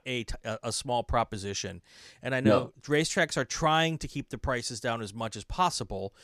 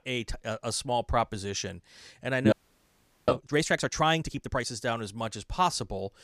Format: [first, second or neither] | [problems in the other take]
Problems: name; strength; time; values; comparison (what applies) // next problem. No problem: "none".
first | audio freezing; at 2.5 s for 1 s